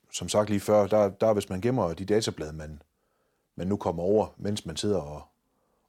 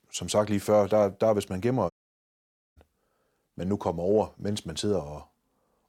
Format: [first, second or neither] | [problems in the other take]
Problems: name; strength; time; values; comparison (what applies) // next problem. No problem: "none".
first | audio cutting out; at 2 s for 1 s